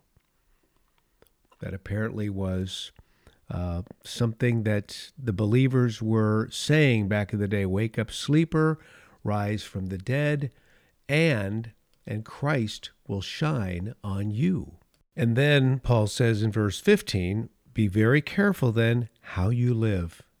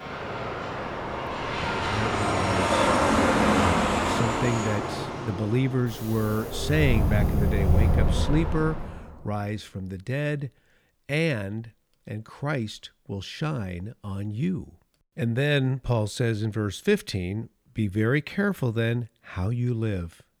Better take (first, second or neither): first